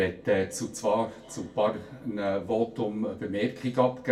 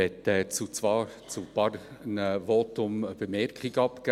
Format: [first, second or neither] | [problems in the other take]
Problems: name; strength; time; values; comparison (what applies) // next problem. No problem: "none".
second | room echo; dies away in 0.2 s